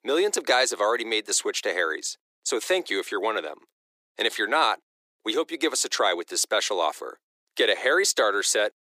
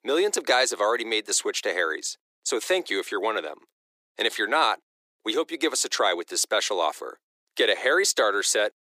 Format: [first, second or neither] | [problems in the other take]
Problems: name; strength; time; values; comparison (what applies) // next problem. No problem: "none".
neither | thin; very; fading below 350 Hz; the same in both